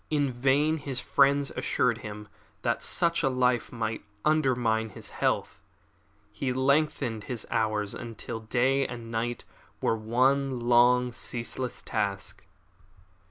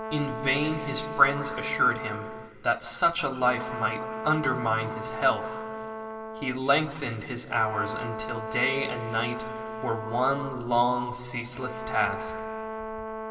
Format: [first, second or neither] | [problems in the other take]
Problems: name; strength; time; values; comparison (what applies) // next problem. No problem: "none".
first | background sound (Brass instrument); 8 dB below the speech // room echo; dies away in 2.1 s